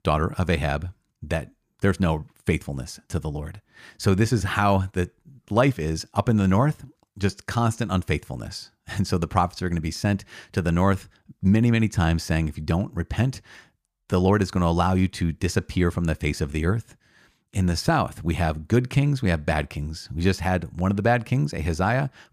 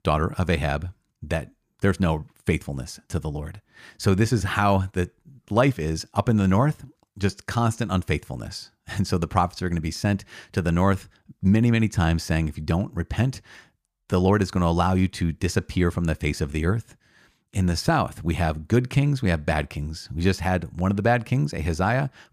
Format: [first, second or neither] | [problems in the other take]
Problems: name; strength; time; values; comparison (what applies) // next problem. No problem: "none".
neither | none